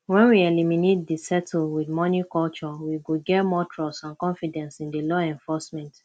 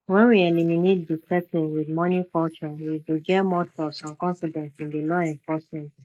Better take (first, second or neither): first